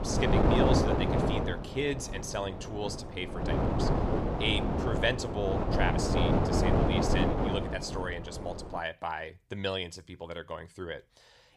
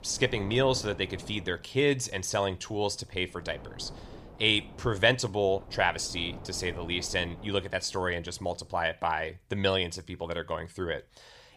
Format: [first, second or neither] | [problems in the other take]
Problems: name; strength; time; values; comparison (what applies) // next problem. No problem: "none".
second | wind noise on the microphone; heavy; until 9 s; 3 dB above the speech; occasional gusts in the second